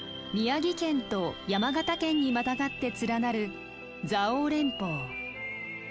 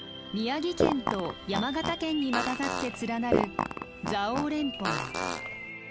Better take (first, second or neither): first